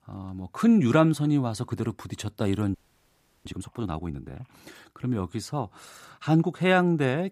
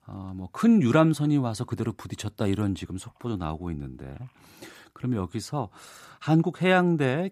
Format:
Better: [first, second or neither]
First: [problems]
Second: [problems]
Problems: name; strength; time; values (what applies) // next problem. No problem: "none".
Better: second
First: audio freezing; at 2.5 s for 0.5 s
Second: none